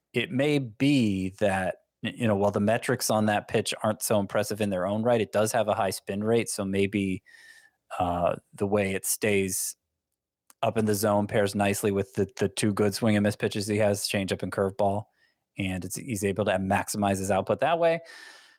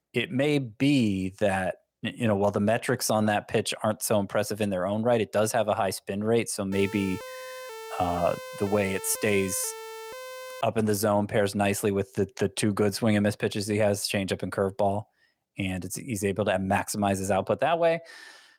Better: first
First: none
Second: siren; faint; from 6.5 to 11 s; peak 15 dB below the speech

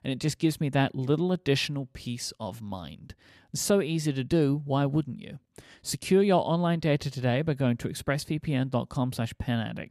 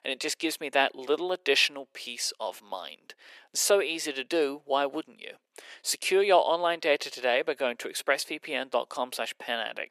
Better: first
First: none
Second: thin; very; fading below 400 Hz

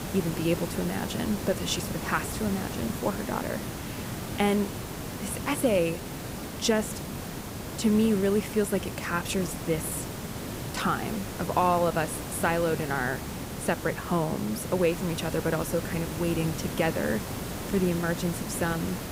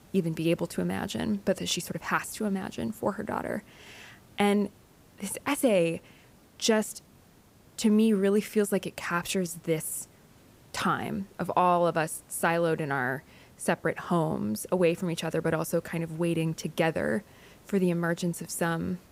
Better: second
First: hiss; loud; throughout; 6 dB below the speech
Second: hiss; faint; throughout; 30 dB below the speech

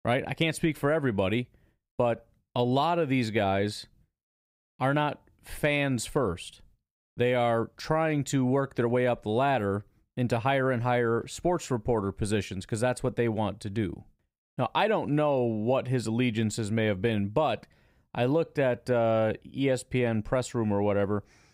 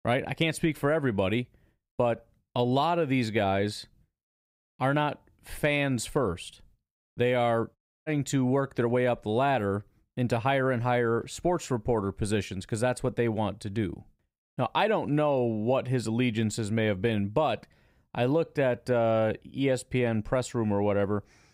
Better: first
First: none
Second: audio cutting out; at 8 s

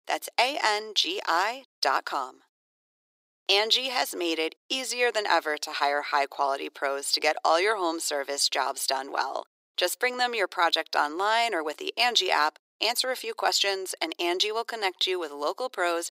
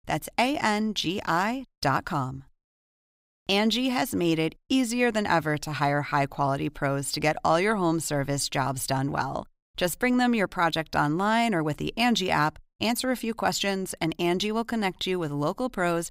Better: second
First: thin; very; fading below 350 Hz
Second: none

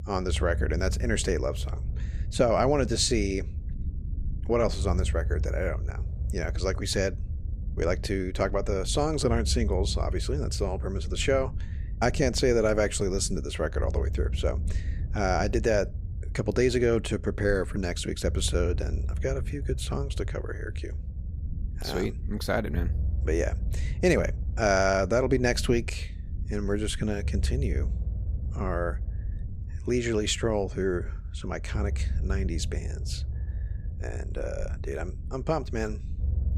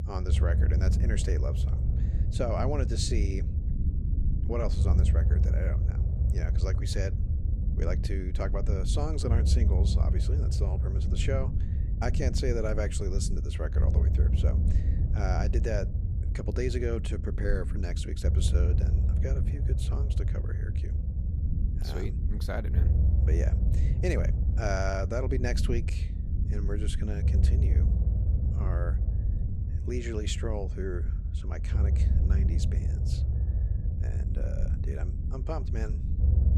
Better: first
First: low rumble; faint; throughout; 20 dB below the speech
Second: low rumble; loud; throughout; 7 dB below the speech

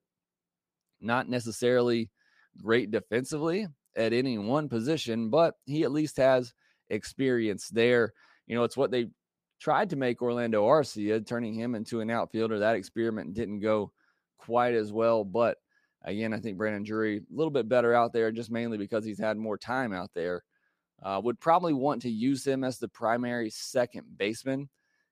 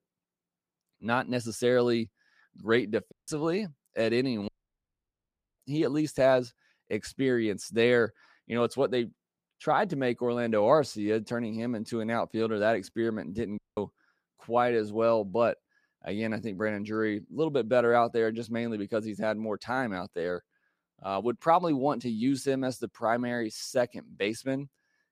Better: first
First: none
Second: audio cutting out; at 3 s, at 4.5 s for 1 s and at 14 s

